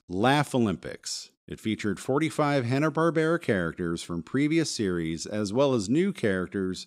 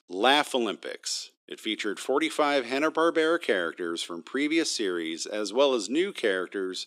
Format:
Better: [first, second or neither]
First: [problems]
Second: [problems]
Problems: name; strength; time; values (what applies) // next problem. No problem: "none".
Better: first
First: none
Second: thin; somewhat; fading below 300 Hz